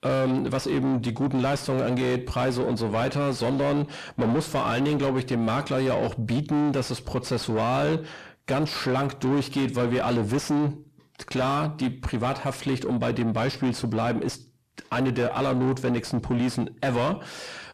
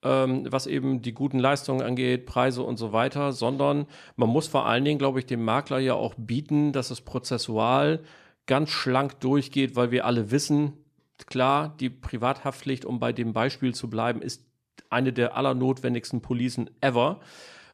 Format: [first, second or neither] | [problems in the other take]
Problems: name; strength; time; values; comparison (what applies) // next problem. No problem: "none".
second | distortion; heavy; 6 dB below the speech